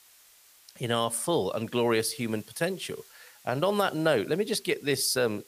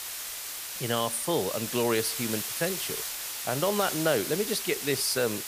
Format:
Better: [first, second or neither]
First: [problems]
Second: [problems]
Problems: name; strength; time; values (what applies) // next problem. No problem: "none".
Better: first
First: hiss; faint; throughout; 25 dB below the speech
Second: hiss; loud; throughout; 3 dB below the speech